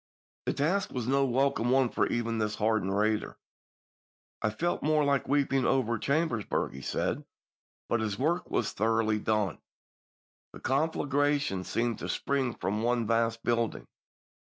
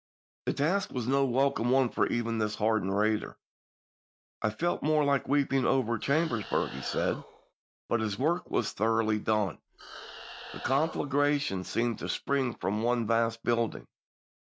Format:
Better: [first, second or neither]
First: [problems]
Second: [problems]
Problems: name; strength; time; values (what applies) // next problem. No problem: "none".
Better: first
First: none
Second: background sound (Animal); 15 dB below the speech